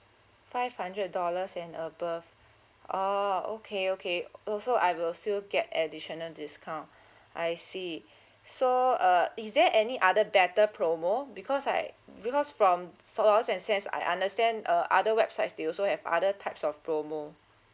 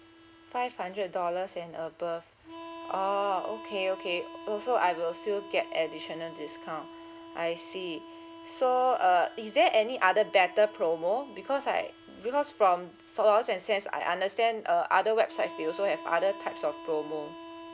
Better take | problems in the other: first | background sound (Harmonica); 17 dB below the speech

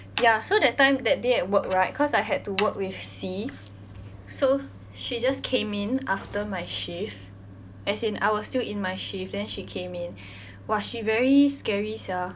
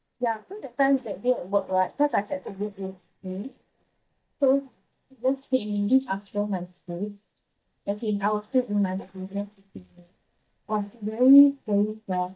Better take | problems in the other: first | noise reduction (neural mask model DeepFilterNet 3)

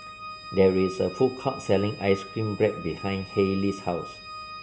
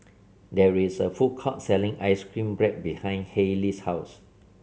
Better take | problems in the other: second | background sound (Organ); 14 dB below the speech

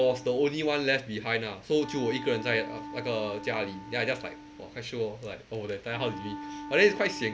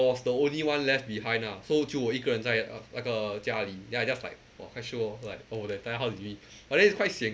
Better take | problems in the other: second | background sound (Wind instrument, woodwind instrument); 13 dB below the speech

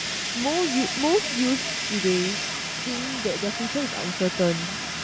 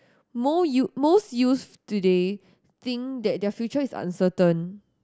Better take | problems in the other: second | background sound (Fire); 2 dB below the speech

